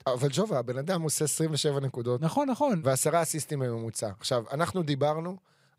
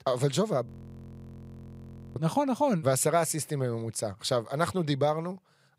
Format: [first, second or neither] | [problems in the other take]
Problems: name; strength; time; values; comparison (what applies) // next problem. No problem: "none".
first | audio freezing; at 0.5 s for 1.5 s